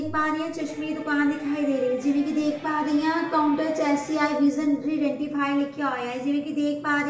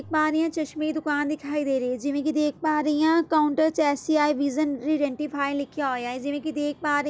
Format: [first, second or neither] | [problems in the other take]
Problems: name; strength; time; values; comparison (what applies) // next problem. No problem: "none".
second | background sound (Electric guitar); 19 dB below the speech // room echo; dies away in 0.8 s